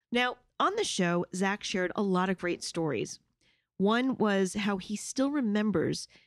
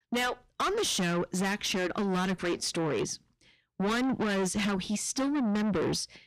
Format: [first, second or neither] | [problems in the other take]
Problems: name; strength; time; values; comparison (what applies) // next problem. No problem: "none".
first | distortion; heavy; 6 dB below the speech